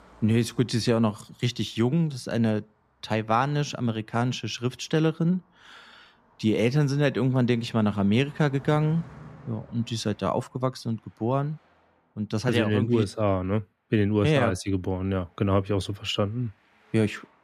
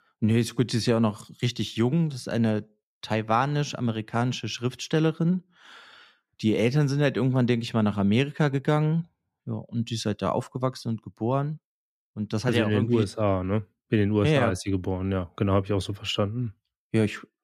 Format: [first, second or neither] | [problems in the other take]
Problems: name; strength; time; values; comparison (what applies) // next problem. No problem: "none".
second | traffic noise; faint; throughout; 25 dB below the speech